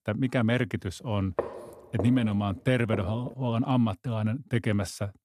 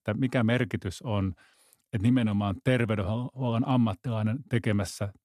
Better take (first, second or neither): second